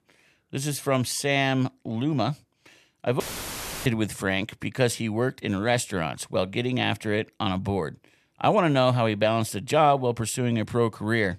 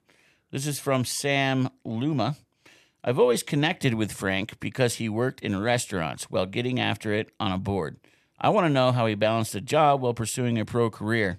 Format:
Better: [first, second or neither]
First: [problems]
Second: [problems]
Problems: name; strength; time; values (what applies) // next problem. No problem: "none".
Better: second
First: audio cutting out; filled with static; at 3 s for 0.5 s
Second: none